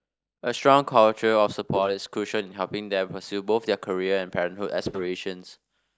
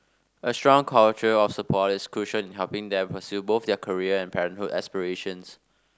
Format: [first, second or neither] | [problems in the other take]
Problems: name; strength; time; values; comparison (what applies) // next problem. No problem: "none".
second | noise reduction (neural mask model DeepFilterNet 3)